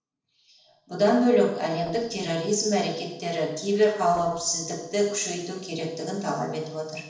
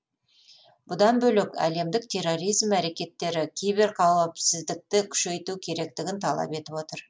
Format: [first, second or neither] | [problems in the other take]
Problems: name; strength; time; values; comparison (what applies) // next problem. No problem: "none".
second | noise reduction (neural separator model SepFormer DNS4)